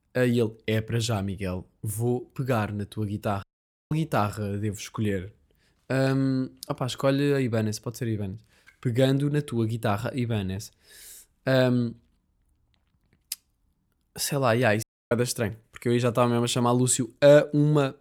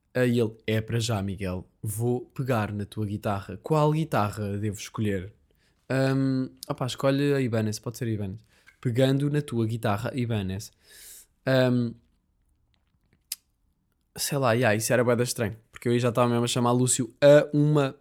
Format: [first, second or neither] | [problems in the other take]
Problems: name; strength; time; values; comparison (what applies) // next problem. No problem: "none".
second | audio cutting out; at 3.5 s and at 15 s